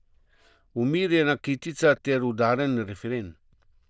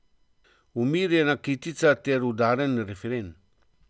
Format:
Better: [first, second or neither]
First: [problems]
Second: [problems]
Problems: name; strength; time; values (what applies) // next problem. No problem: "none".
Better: second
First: noise reduction (neural diffusion model UNIVERSE++)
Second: none